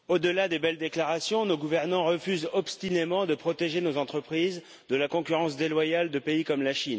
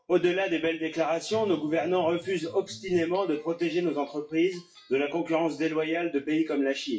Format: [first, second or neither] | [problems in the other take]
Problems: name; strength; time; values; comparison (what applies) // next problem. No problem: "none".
first | noise reduction (classical method WPE with log-MMSE)